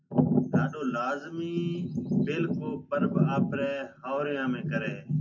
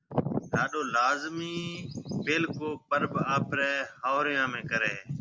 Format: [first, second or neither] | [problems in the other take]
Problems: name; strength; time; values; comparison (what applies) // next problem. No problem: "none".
second | room echo; dies away in 0.3 s